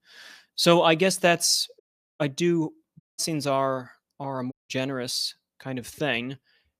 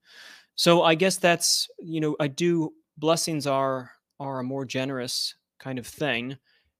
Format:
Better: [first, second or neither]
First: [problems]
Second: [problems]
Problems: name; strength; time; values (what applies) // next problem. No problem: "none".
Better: second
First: audio cutting out; at 2 s, at 3 s and at 4.5 s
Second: none